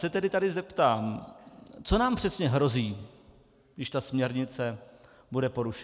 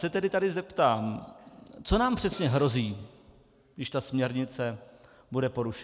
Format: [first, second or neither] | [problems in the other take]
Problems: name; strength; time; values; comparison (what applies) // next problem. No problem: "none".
first | background sound (Cymbal); 13 dB below the speech